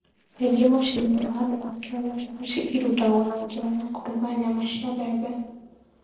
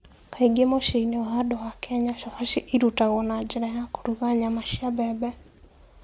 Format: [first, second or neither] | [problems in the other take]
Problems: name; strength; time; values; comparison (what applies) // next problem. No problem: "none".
second | noise reduction (neural separator model SepFormer DNS4)